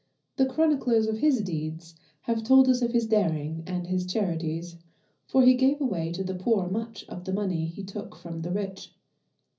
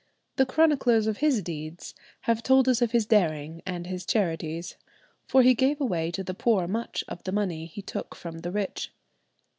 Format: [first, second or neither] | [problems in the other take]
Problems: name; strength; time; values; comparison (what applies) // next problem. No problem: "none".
second | room echo; dies away in 0.5 s